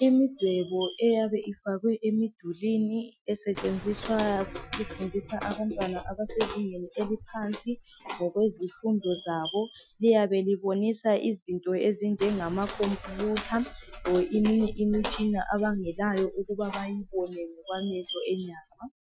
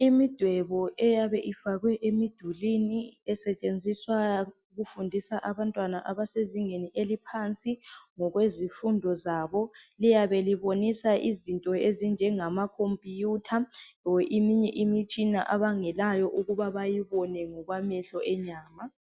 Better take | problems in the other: second | noise reduction (classical method Wiener filter)

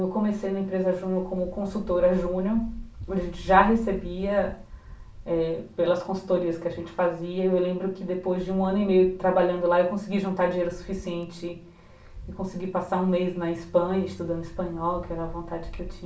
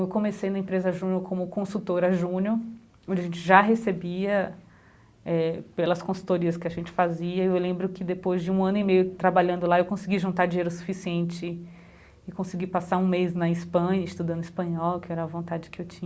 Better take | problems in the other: second | background sound (Wind); 16 dB below the speech // room echo; dies away in 0.3 s

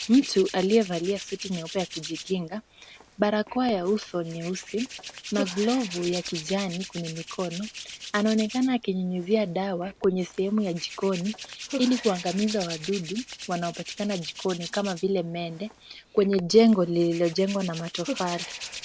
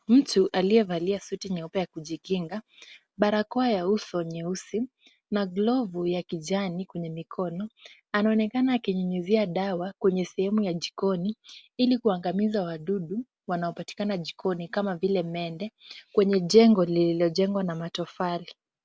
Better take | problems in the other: second | background sound (Hands); 13 dB below the speech

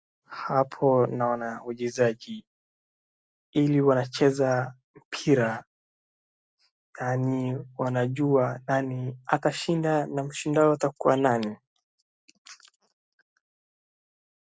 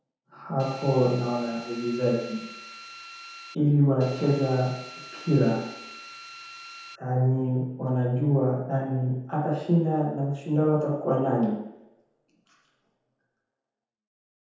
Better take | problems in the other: first | background sound (Drill); 16 dB below the speech // room echo; dies away in 0.9 s

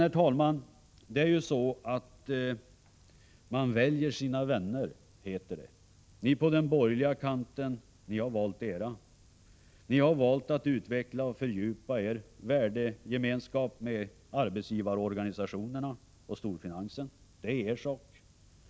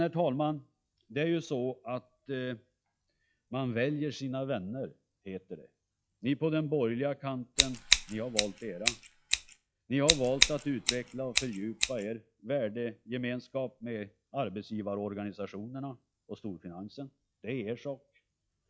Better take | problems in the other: first | noise reduction (classical method log-MMSE)

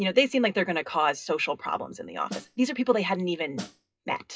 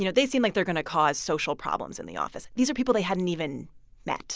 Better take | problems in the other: second | noise reduction (classical method WPE with log-MMSE)

